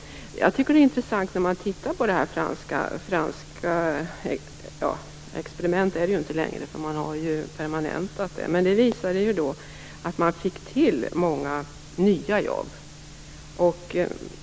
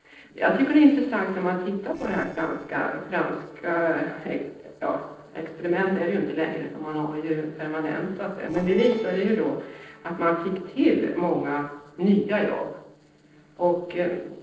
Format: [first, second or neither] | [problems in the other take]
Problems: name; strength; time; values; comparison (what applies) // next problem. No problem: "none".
first | noise reduction (neural separator model SepFormer DNS4)